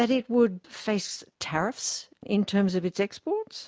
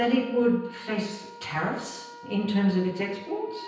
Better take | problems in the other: first | background sound (Wind instrument, woodwind instrument); 17 dB below the speech // room echo; dies away in 0.9 s

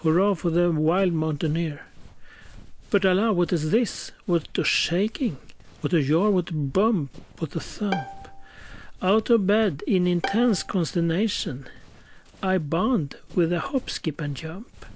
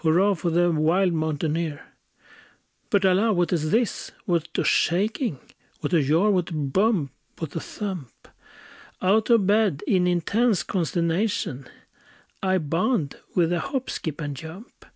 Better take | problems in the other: second | background sound (Bowed string instrument + Run); 16 dB below the speech

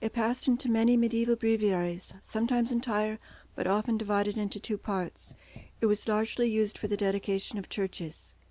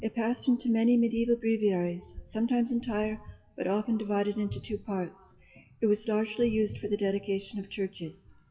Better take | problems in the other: first | noise reduction (classical method WPE with log-MMSE)

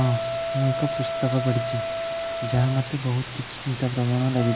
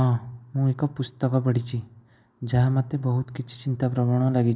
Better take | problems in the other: second | background sound (Water + Wind instrument, woodwind instrument); 5 dB below the speech

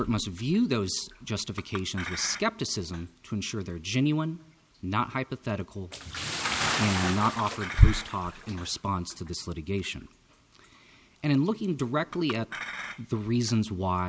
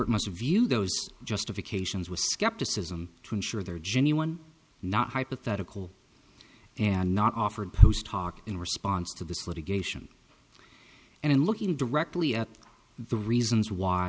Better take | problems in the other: second | background sound (Chink, clink + Bathtub (filling or washing) / Splash, splatter); 10 dB below the speech

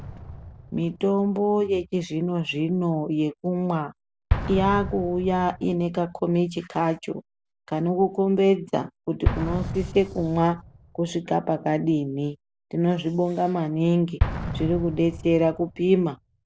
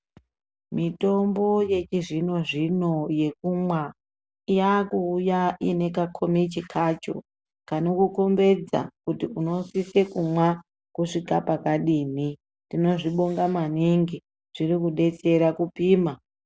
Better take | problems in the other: second | background sound (Explosion); 9 dB below the speech

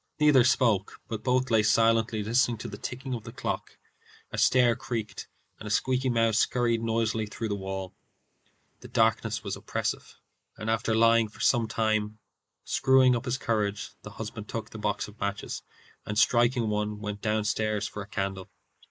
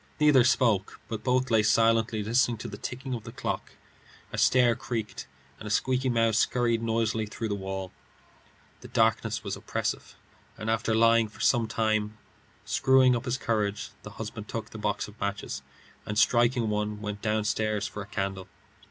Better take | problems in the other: second | noise reduction (neural mask model Resemble Enhance denoiser)

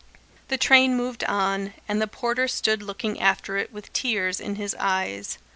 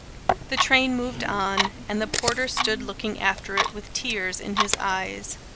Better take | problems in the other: first | background sound (Clock + Camera); 2 dB below the speech

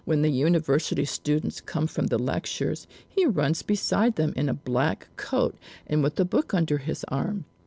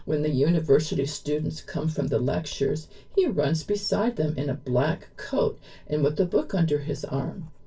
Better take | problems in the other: first | background sound (Writing); 17 dB below the speech // room echo; dies away in 0.2 s

